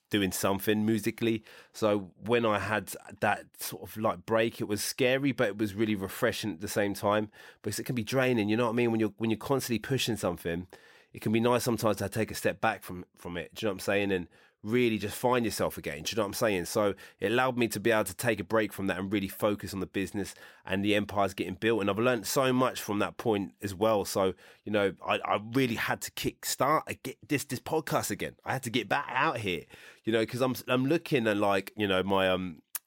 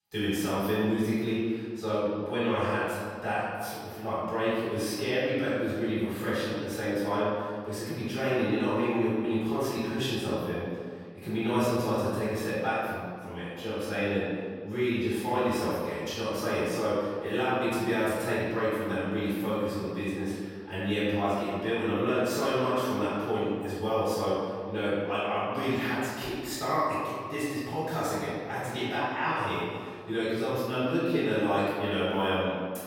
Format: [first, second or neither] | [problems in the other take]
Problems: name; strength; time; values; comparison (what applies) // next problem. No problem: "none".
first | off-mic speech; far // room echo; strong; dies away in 1.7 s